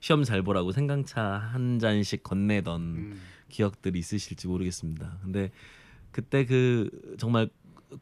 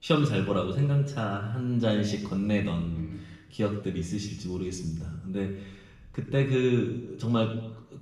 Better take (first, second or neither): first